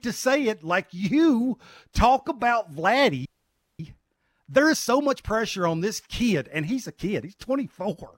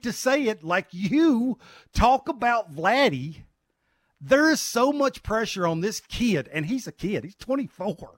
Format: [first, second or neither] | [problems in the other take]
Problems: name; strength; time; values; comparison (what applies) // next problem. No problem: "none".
second | audio freezing; at 3.5 s for 0.5 s